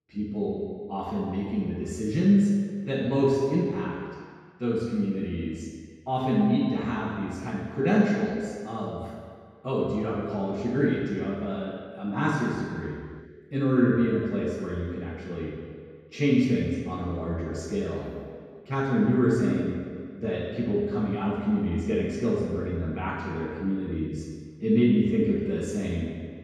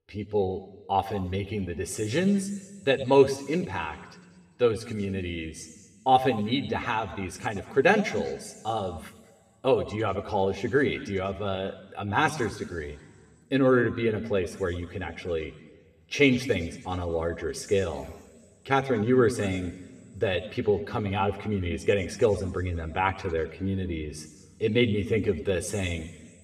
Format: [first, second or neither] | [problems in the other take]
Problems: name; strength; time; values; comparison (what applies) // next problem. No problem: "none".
second | room echo; strong; dies away in 2 s; slight in the second // off-mic speech; far